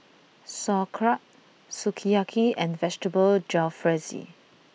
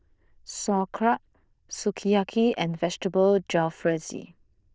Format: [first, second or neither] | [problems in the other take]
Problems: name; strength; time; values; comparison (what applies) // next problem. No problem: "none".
first | noise reduction (neural diffusion model UNIVERSE++)